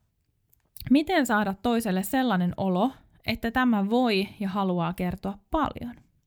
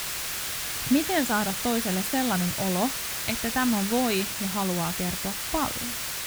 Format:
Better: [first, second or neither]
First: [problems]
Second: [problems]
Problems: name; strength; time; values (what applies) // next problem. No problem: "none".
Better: first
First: none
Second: hiss; loud; throughout; 1 dB below the speech